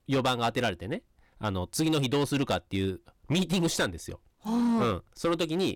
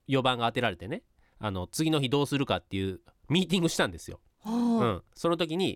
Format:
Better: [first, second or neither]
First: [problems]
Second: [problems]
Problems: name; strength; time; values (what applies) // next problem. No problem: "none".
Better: second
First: distortion; slight; 8% of the sound clipped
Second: none